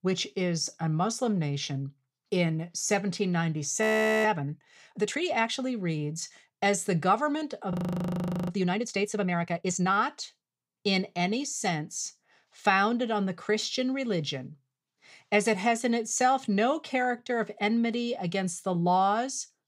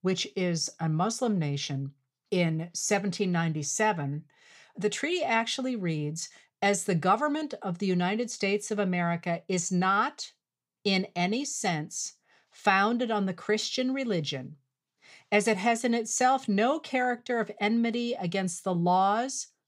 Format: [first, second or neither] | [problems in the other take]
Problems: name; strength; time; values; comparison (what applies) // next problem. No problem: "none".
second | audio freezing; at 4 s and at 7.5 s for 1 s